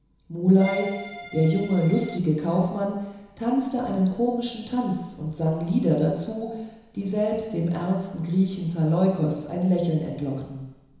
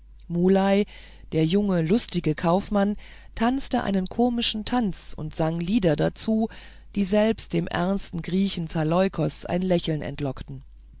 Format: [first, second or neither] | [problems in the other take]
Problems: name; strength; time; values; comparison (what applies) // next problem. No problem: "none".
second | background sound (Accordion); 13 dB below the speech // room echo; dies away in 1 s